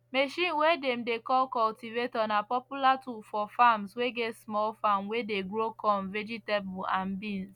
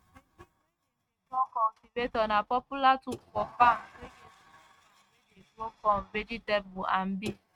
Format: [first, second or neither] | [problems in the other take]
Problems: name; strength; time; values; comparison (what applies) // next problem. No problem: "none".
first | noise reduction (neural mask model RNNoise)